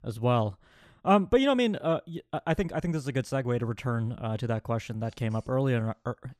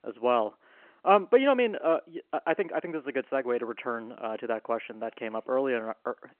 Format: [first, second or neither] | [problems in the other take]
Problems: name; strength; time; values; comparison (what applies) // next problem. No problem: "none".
first | phone-call audio